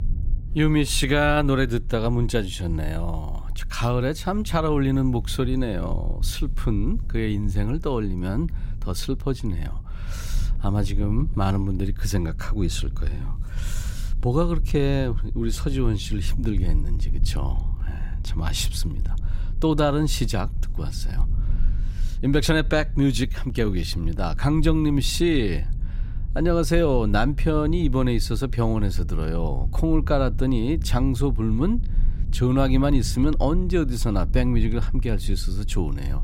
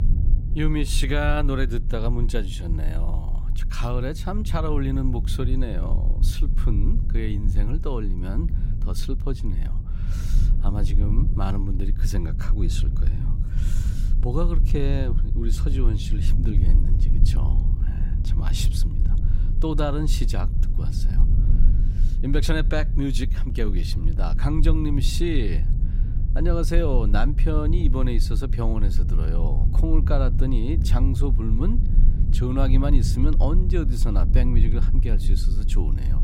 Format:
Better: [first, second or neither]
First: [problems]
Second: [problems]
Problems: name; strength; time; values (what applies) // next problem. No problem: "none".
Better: first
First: low rumble; faint; throughout; 20 dB below the speech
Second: low rumble; loud; throughout; 10 dB below the speech